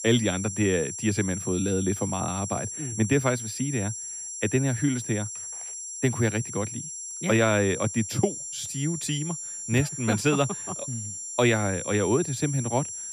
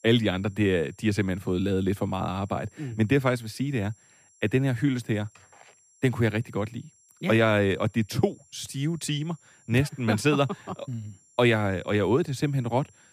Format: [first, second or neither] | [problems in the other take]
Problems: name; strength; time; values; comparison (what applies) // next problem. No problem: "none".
second | high-pitched whine; loud; throughout; 7.5 kHz, 6 dB below the speech; faint in the second